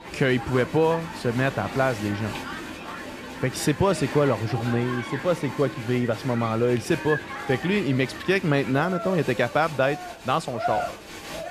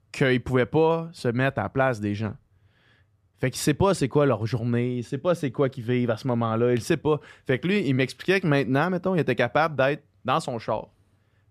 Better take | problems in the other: second | crowd noise; loud; throughout; 9 dB below the speech

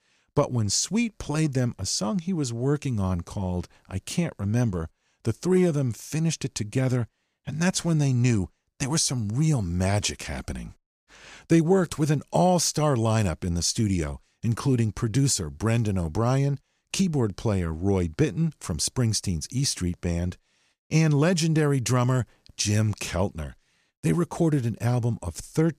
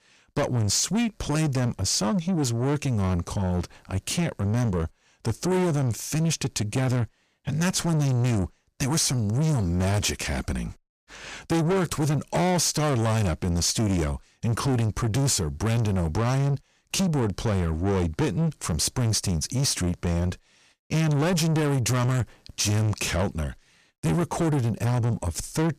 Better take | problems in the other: first | distortion; heavy; 7 dB below the speech

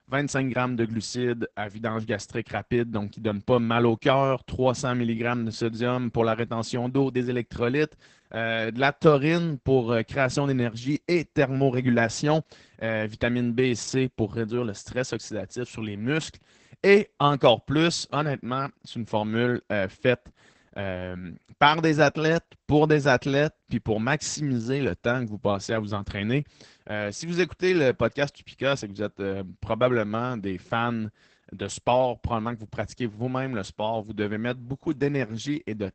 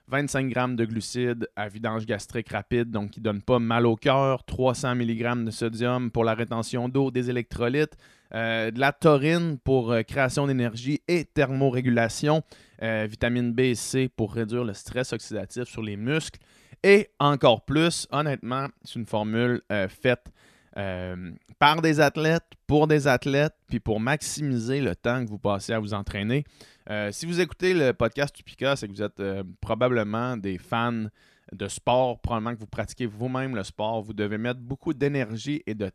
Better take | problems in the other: second | garbled, watery; badly; nothing above 8 kHz

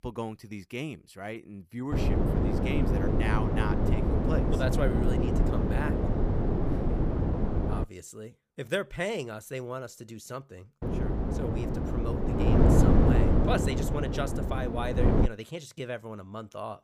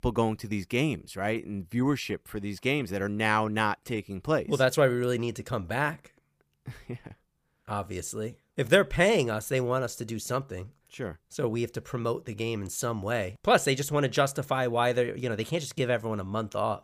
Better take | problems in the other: second | wind noise on the microphone; heavy; from 2 to 8 s and from 11 to 15 s; 3 dB above the speech

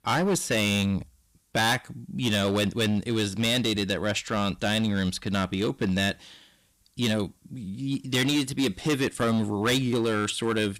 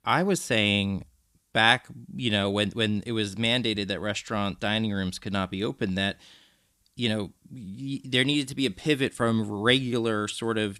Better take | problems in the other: second | distortion; heavy; 11% of the sound clipped

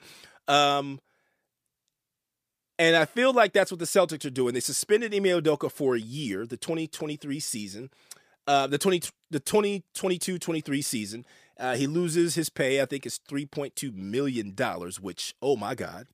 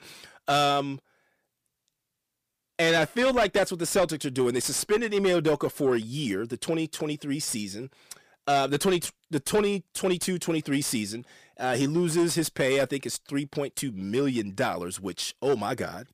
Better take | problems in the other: first | distortion; slight; 10 dB below the speech

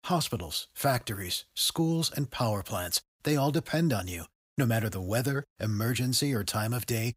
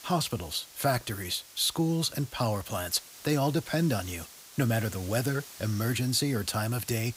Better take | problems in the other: first | hiss; noticeable; throughout; 15 dB below the speech

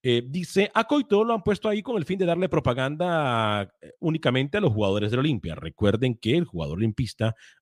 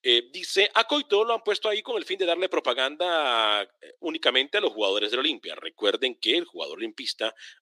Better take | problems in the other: first | thin; very; fading below 350 Hz

